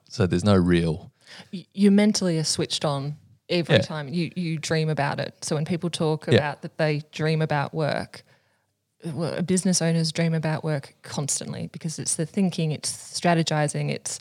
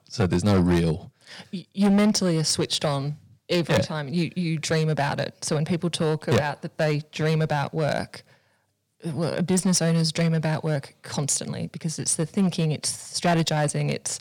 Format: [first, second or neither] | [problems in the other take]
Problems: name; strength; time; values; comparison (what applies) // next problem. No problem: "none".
first | distortion; slight; 5% of the sound clipped